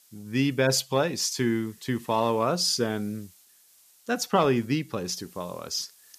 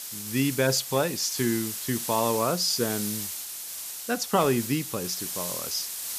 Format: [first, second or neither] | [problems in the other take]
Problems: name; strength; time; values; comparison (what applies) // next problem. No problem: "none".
first | hiss; loud; throughout; 5 dB below the speech; faint in the first